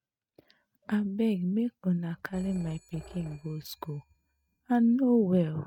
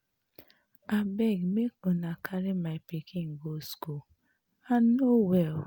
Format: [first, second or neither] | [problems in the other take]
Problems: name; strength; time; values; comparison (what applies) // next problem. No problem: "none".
second | noise reduction (neural mask model RNNoise)